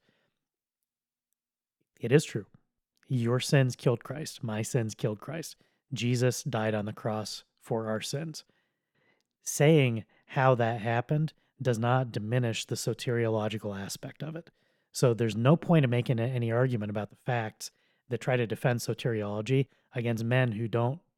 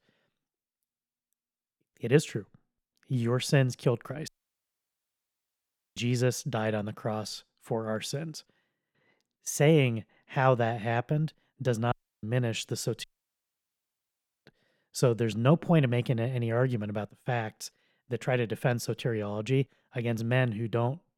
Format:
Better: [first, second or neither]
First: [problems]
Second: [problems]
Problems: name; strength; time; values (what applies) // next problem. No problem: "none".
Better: first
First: none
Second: audio cutting out; at 4.5 s for 1.5 s, at 12 s and at 13 s for 1.5 s